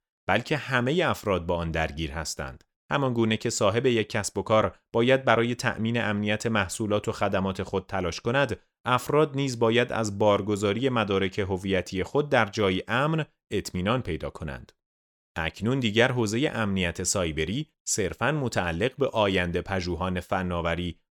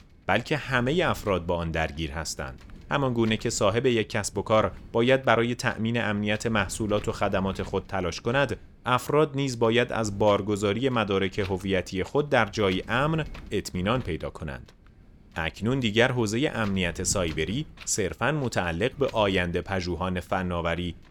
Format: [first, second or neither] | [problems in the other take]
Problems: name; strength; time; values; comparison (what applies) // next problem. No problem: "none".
first | wind noise on the microphone; occasional gusts; 25 dB below the speech